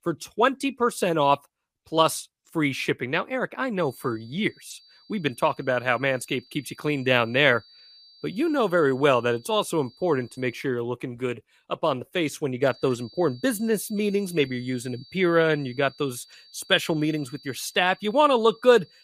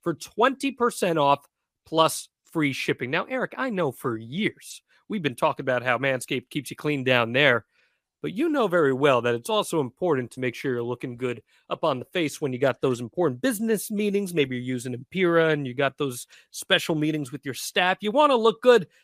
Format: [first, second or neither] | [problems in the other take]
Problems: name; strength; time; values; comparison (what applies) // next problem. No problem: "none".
second | high-pitched whine; faint; from 4 to 11 s and from 13 s on; 4.5 kHz, 25 dB below the speech